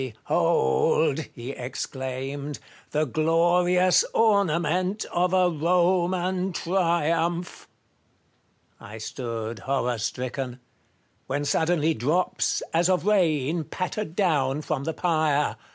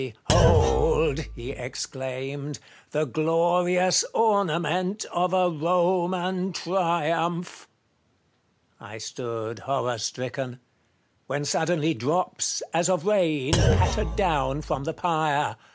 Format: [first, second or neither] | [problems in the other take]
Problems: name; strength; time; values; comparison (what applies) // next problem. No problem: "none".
first | background sound (Thump, thud); as loud as the speech